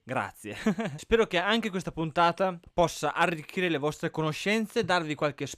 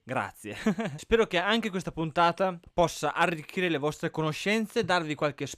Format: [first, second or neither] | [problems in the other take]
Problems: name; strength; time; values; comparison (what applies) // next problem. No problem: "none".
neither | none